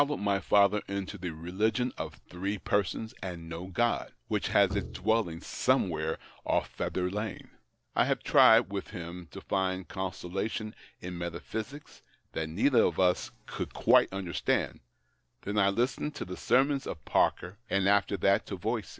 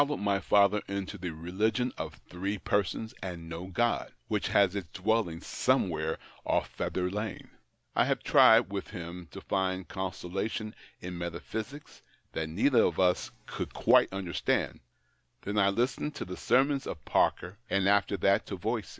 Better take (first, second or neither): second